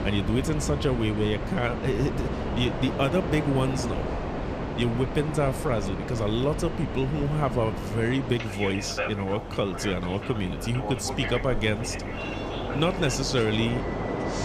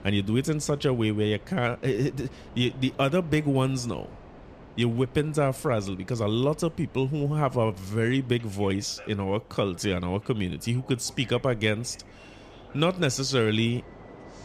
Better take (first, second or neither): second